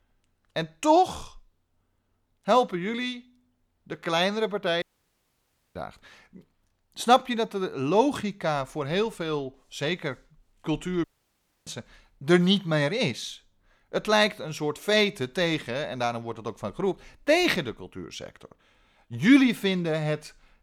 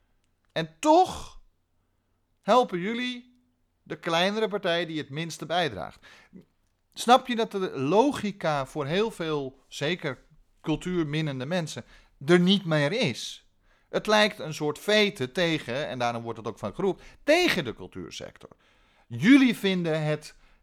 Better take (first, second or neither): second